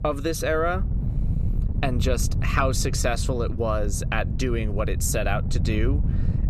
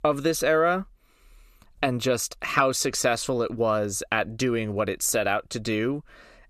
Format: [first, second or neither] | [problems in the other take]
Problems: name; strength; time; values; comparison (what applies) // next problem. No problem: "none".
second | wind noise on the microphone; occasional gusts; 15 dB below the speech